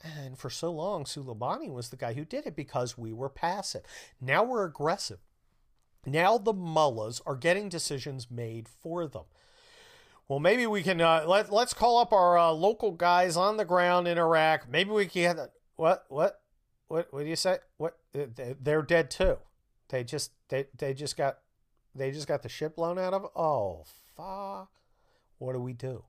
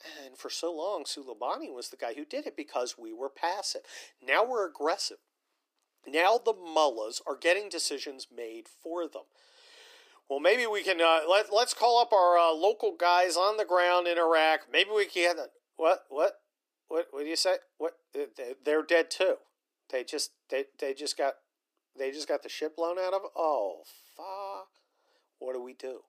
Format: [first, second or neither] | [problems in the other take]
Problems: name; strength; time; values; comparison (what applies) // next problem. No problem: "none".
first | thin; somewhat; fading below 300 Hz